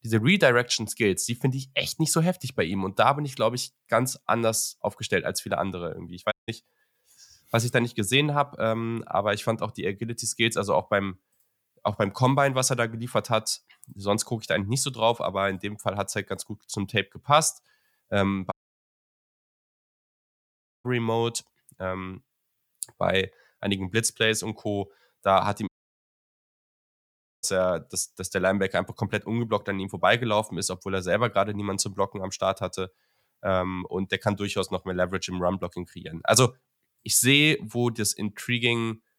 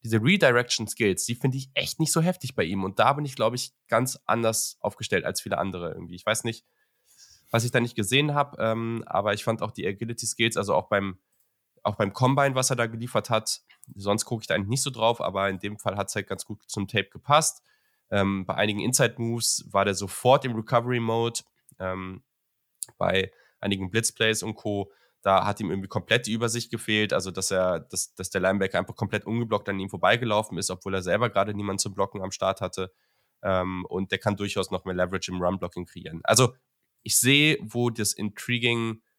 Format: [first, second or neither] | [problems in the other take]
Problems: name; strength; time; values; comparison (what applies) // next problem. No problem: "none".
second | audio cutting out; at 6.5 s, at 19 s for 2.5 s and at 26 s for 2 s